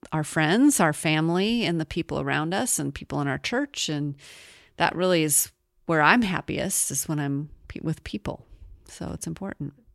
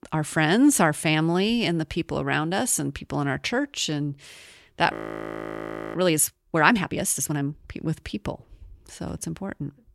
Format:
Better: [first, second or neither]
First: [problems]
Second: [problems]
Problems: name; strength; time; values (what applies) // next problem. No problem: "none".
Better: first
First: none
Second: audio freezing; at 5 s for 1 s